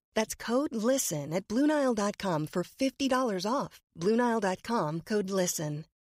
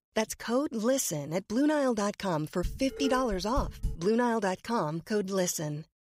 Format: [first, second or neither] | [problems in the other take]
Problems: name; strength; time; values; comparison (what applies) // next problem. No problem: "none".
first | clattering dishes; noticeable; from 2.5 to 4 s; peak 7 dB below the speech